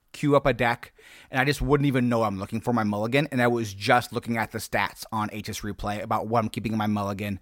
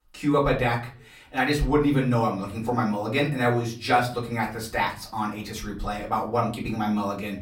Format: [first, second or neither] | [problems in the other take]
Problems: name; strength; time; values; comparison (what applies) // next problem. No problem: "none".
first | off-mic speech; far // room echo; very slight; dies away in 0.3 s